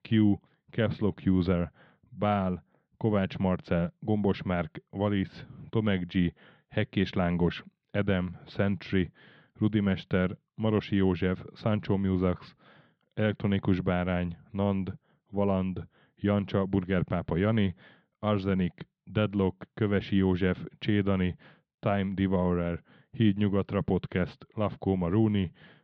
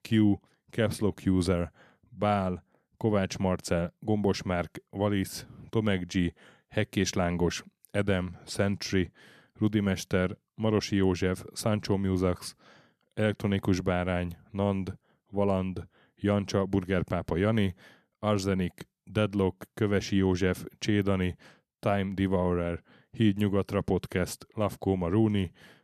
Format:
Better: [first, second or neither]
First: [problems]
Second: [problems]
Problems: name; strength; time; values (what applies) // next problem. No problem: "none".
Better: second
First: muffled; very; fading above 3.5 kHz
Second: none